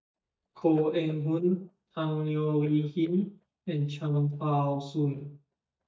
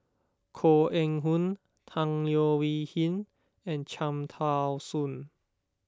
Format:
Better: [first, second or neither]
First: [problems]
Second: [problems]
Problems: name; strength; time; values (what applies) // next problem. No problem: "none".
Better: second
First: noise reduction (neural mask model DeepFilterNet 3)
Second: none